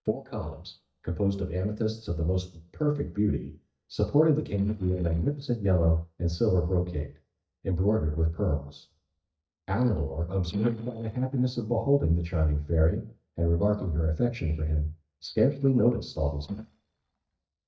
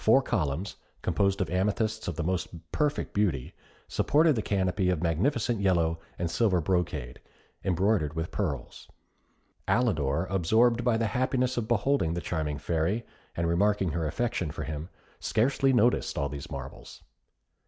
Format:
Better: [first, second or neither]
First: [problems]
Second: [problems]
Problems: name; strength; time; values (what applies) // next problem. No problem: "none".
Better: second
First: noise reduction (neural mask model DeepFilterNet 3)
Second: none